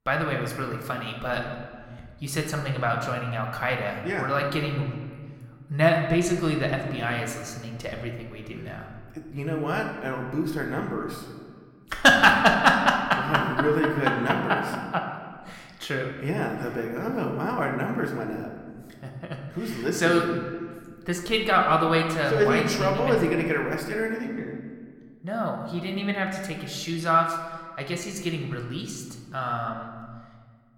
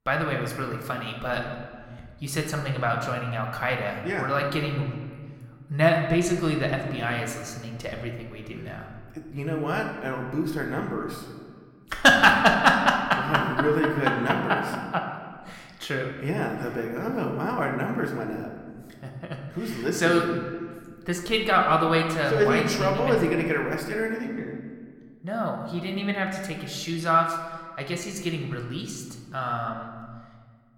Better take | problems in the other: neither | room echo; slight; dies away in 1.4 s; the same in both

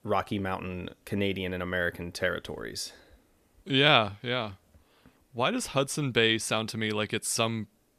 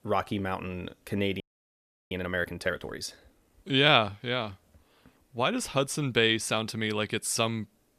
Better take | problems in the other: first | audio freezing; at 1.5 s for 0.5 s

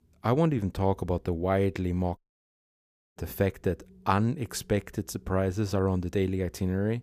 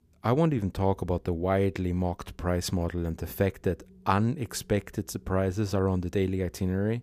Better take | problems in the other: second | audio cutting out; at 2 s for 1 s

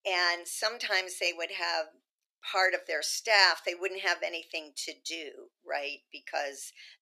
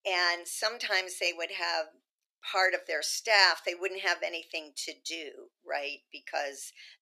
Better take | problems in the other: neither | thin; very; fading below 350 Hz; the same in both

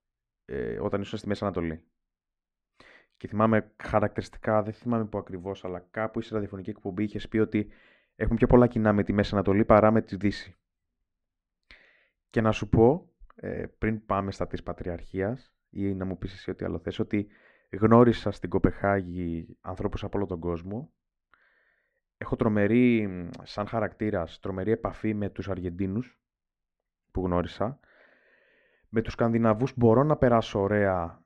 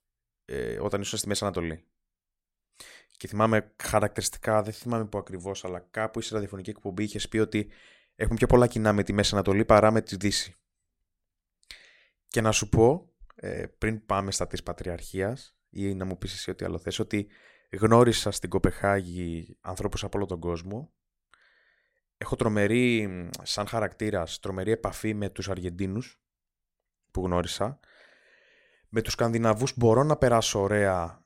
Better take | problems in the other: second | muffled; very; fading above 2 kHz

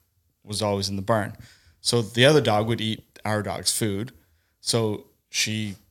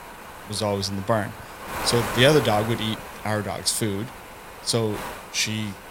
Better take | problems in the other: first | wind noise on the microphone; heavy; 9 dB below the speech

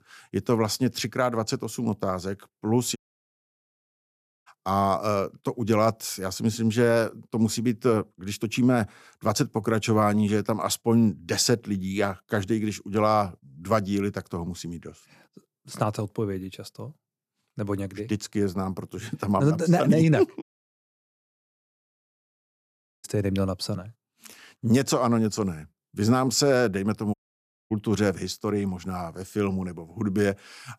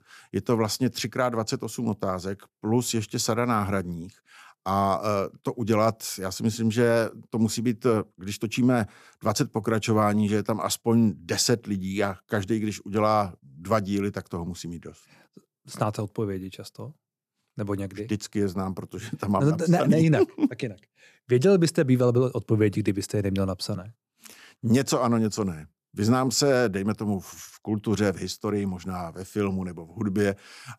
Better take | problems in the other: second | audio cutting out; at 3 s for 1.5 s, at 20 s for 2.5 s and at 27 s for 0.5 s

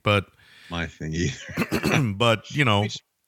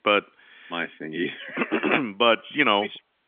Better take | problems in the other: first | phone-call audio; nothing above 3.5 kHz

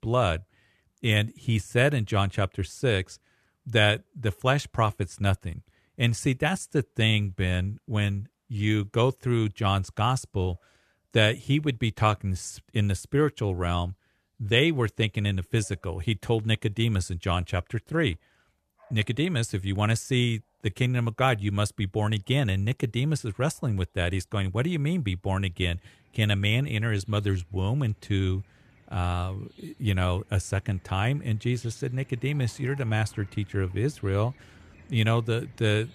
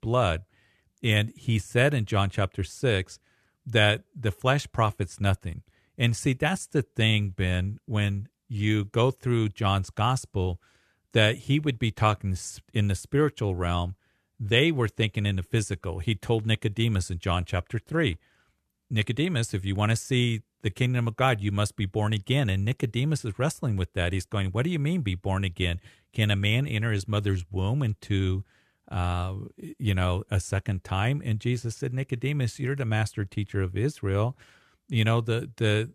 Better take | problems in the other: second | animal sounds; faint; throughout; 30 dB below the speech

